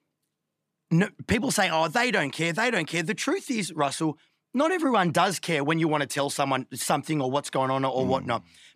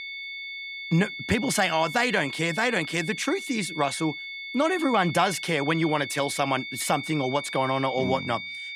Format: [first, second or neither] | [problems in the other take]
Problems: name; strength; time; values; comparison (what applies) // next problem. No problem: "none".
first | high-pitched whine; loud; throughout; 2 kHz, 8 dB below the speech